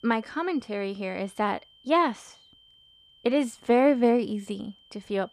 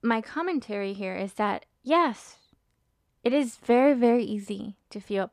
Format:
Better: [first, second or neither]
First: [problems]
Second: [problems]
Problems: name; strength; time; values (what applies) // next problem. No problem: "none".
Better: second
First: high-pitched whine; faint; throughout; 3 kHz, 30 dB below the speech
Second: none